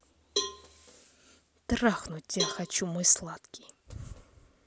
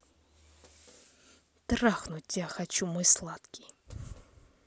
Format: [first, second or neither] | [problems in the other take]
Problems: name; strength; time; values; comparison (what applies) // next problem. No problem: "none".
second | background sound (Cowbell); 7 dB below the speech